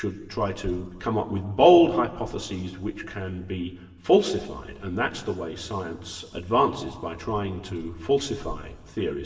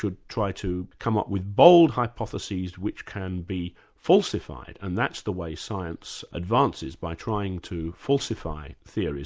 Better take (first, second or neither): second